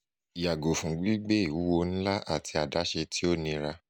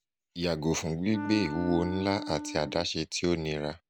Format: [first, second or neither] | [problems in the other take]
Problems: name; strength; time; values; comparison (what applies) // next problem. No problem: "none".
first | background sound (Wind instrument, woodwind instrument); 8 dB below the speech